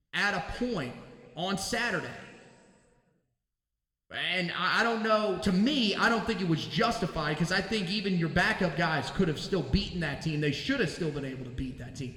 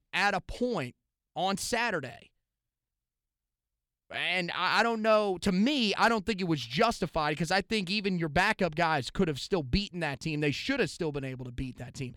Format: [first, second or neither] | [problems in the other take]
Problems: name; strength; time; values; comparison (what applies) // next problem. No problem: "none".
second | room echo; slight; dies away in 1.5 s